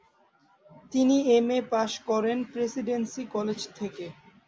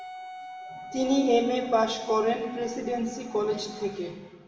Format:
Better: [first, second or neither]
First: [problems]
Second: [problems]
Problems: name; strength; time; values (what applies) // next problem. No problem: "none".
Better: first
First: none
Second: background sound (Wind instrument, woodwind instrument); 15 dB below the speech // room echo; dies away in 1.1 s